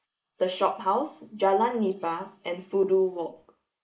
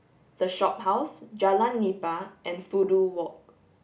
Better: second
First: noise reduction (neural mask model Resemble Enhance denoiser)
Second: none

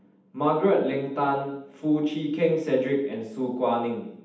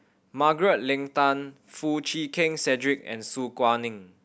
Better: second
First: room echo; dies away in 0.8 s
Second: none

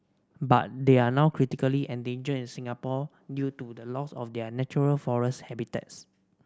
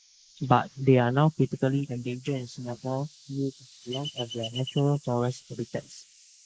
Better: first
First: none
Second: noise reduction (neural mask model Resemble Enhance denoiser)

